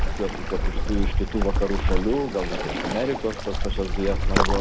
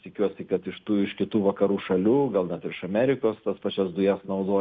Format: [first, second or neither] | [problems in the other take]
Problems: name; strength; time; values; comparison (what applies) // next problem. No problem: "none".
second | background sound (Waves, surf); 4 dB above the speech